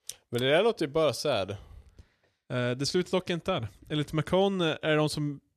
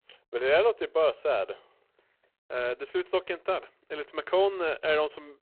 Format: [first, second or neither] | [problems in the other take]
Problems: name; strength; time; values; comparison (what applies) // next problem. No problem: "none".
first | phone-call audio; poor line